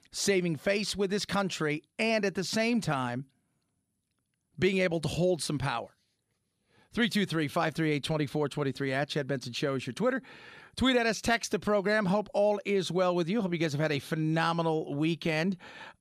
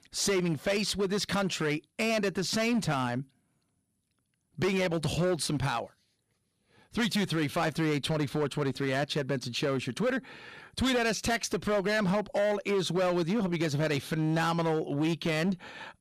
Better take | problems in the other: first | distortion; slight; 12% of the sound clipped

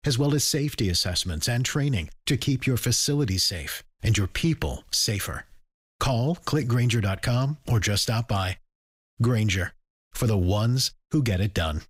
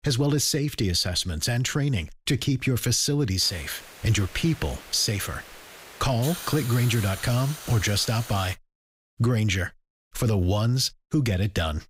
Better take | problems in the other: first | hiss; noticeable; from 3.5 to 8.5 s; 15 dB below the speech

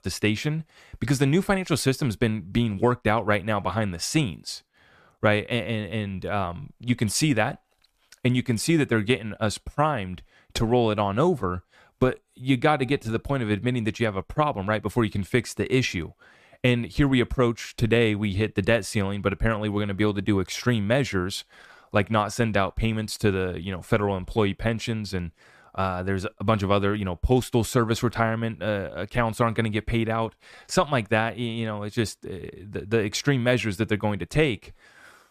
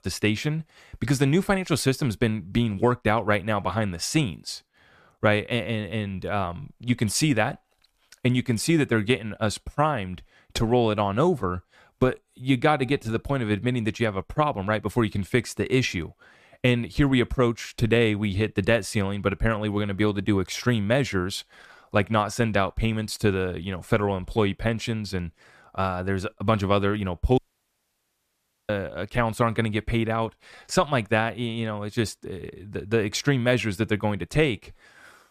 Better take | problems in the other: first | audio cutting out; at 27 s for 1.5 s

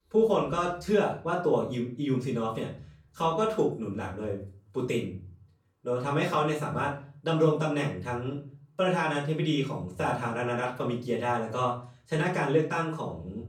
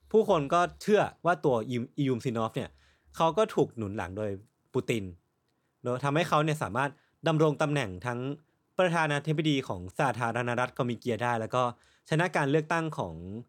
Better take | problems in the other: second | room echo; slight; dies away in 0.4 s // off-mic speech; far

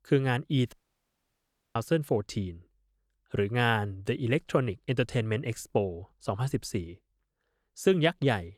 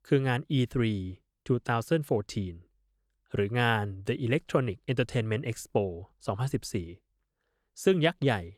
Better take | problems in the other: second | audio cutting out; at 0.5 s for 1 s

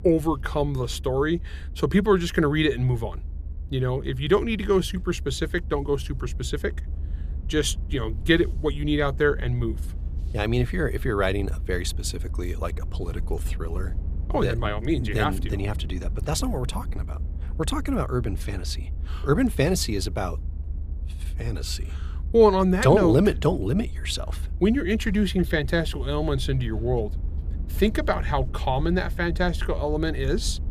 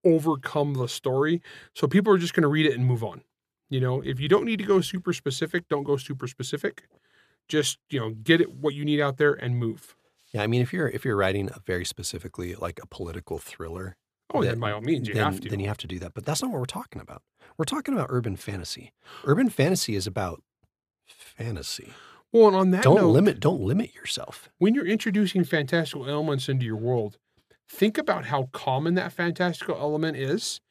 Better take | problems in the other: second | low rumble; faint; throughout; 25 dB below the speech

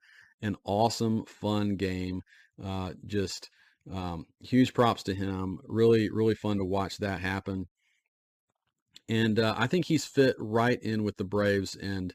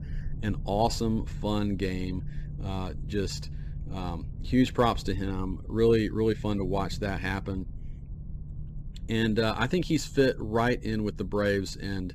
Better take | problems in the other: first | low rumble; faint; throughout; 25 dB below the speech

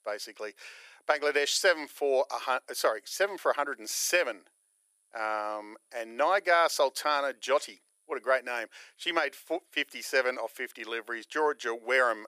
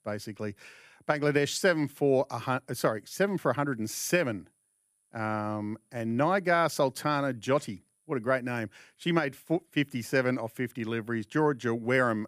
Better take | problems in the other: second | thin; very; fading below 450 Hz

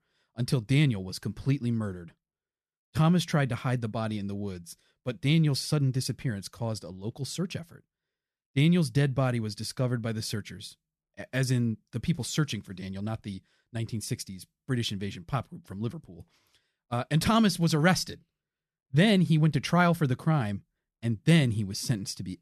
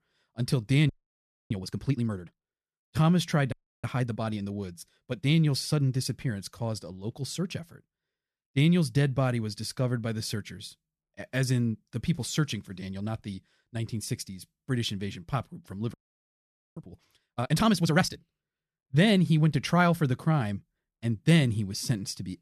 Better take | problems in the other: first | audio freezing; at 1 s for 0.5 s, at 3.5 s and at 16 s for 1 s

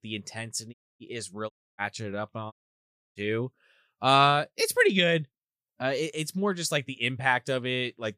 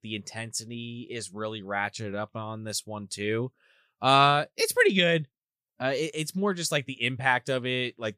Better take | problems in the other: second | audio cutting out; at 0.5 s, at 1.5 s and at 2.5 s for 0.5 s

